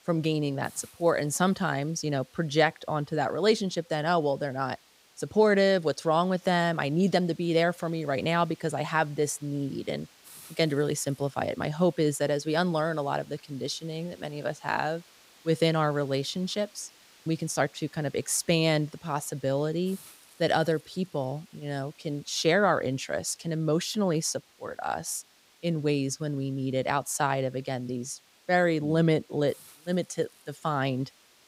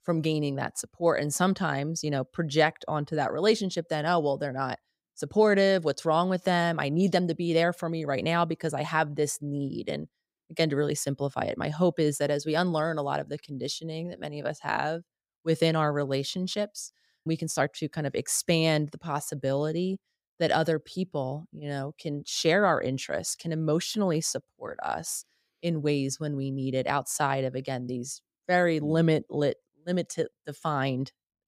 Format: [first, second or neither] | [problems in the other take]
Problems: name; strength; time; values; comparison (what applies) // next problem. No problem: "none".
second | hiss; faint; throughout; 25 dB below the speech